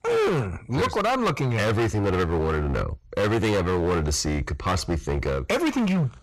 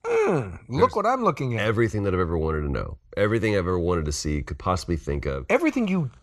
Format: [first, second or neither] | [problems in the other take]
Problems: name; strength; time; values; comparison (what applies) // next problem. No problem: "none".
second | distortion; heavy; 24% of the sound clipped